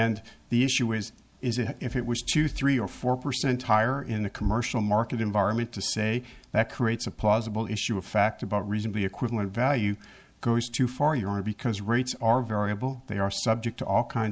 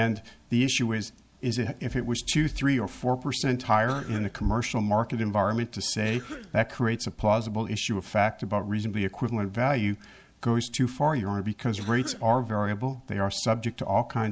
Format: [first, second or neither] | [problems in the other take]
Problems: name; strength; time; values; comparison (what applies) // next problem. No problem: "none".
first | background sound (Cough); 18 dB below the speech